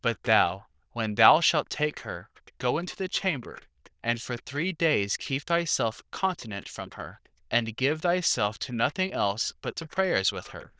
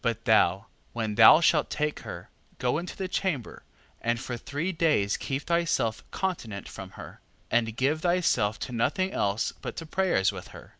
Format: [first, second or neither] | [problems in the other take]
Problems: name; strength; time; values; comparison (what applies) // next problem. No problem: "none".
second | noise reduction (neural diffusion model UNIVERSE++)